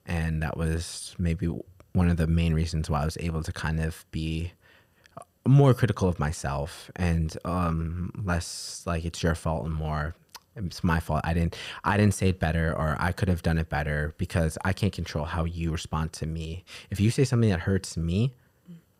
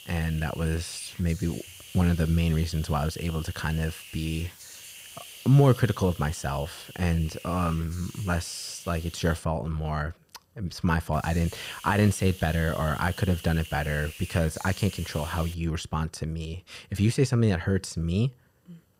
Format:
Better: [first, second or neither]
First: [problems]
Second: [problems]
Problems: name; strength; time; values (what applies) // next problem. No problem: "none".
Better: first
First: none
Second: hiss; noticeable; until 9.5 s and from 11 to 16 s; 15 dB below the speech